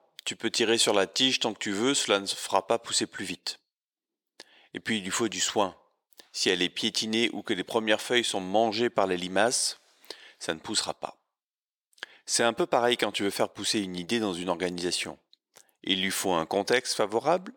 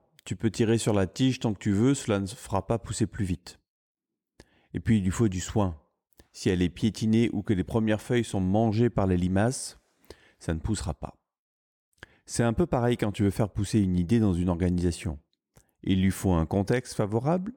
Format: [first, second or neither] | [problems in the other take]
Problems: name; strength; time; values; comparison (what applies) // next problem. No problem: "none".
second | thin; somewhat; fading below 500 Hz